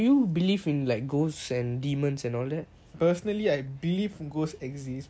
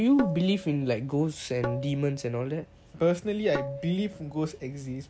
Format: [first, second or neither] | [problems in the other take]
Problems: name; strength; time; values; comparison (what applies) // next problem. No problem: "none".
first | background sound (Tabla); 12 dB below the speech